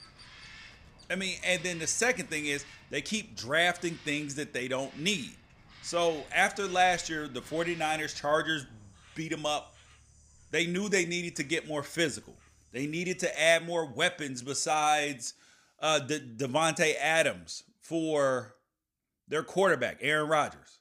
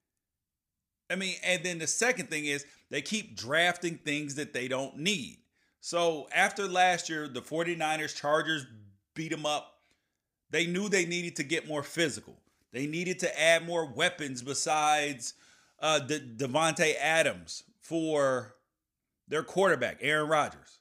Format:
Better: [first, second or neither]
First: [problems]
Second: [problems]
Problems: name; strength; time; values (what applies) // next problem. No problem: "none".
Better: second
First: animal sounds; faint; until 13 s; 20 dB below the speech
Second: none